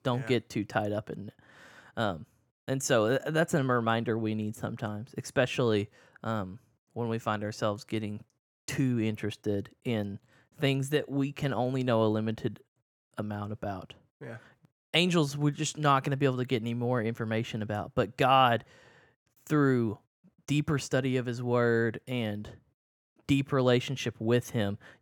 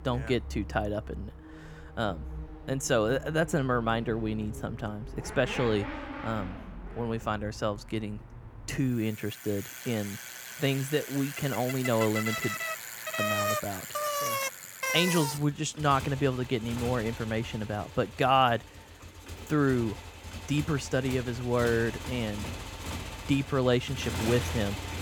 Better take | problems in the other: first | traffic noise; loud; throughout; 7 dB below the speech

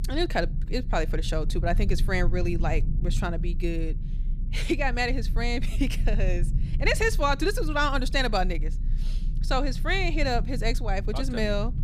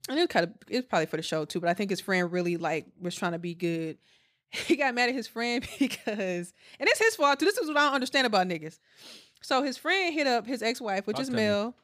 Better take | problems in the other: second | low rumble; noticeable; throughout; 20 dB below the speech

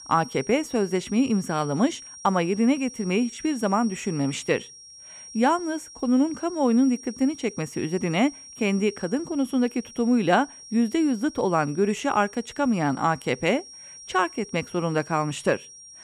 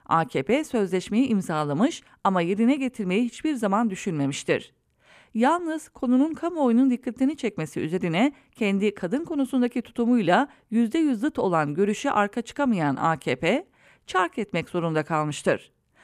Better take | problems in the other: second | high-pitched whine; noticeable; throughout; 5.5 kHz, 15 dB below the speech

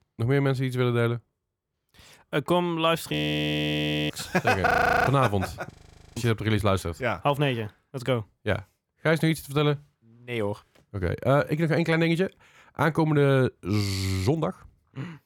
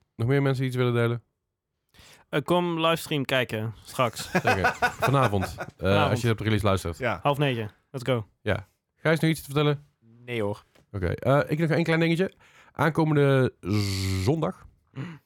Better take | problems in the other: second | audio freezing; at 3 s for 1 s, at 4.5 s and at 5.5 s

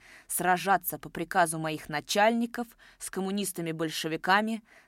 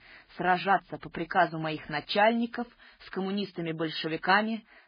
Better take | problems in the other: first | garbled, watery; badly; nothing above 4.5 kHz

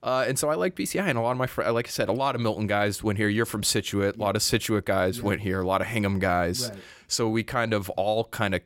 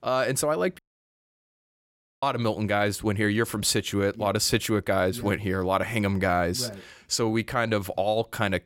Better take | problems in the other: first | audio cutting out; at 1 s for 1.5 s

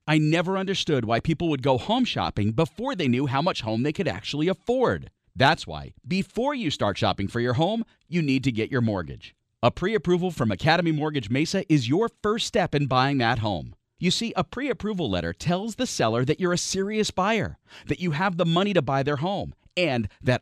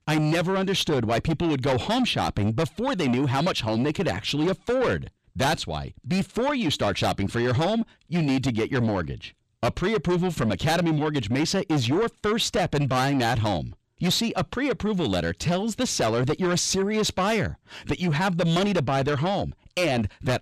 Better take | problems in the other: first | distortion; heavy; 7 dB below the speech

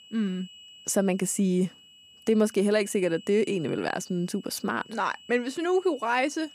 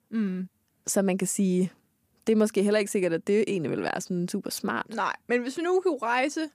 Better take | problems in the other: second | high-pitched whine; faint; throughout; 3 kHz, 20 dB below the speech

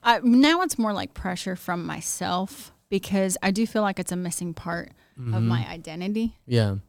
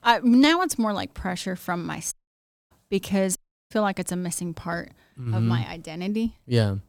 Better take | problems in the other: first | audio cutting out; at 2 s for 0.5 s and at 3.5 s

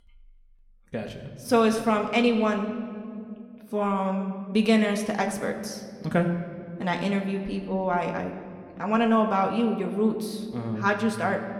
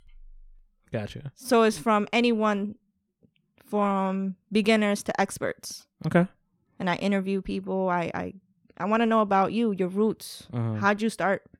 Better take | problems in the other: second | room echo; slight; dies away in 1.7 s

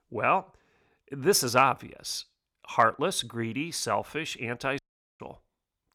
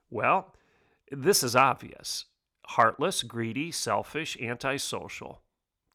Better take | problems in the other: second | audio cutting out; at 5 s

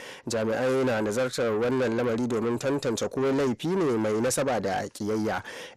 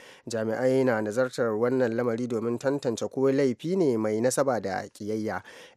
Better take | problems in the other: second | distortion; heavy; 7 dB below the speech

